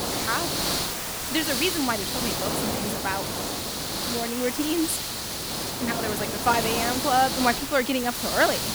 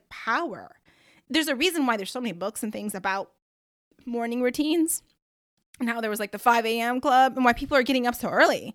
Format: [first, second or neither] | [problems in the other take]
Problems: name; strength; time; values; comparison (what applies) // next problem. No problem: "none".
second | hiss; loud; throughout; as loud as the speech